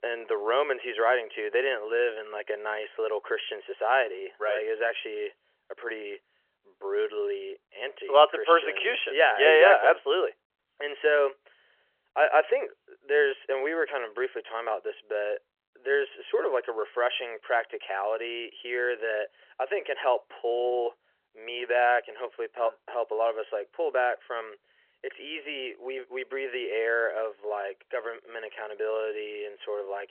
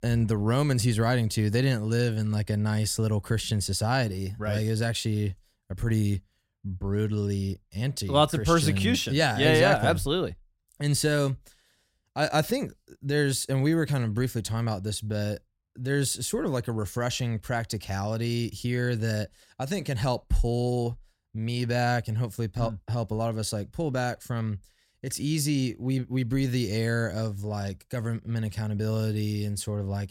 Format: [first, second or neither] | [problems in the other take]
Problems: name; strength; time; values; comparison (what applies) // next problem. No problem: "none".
second | phone-call audio; nothing above 3 kHz